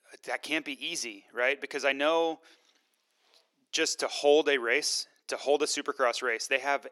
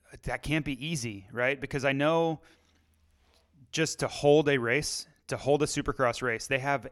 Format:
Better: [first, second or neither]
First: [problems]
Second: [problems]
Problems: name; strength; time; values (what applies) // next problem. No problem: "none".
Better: second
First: thin; somewhat; fading below 350 Hz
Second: none